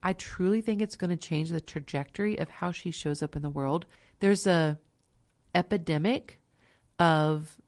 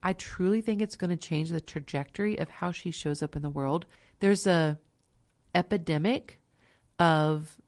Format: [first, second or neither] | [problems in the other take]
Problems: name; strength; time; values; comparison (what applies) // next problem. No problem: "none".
neither | garbled, watery; slightly; nothing above 10.5 kHz; the same in both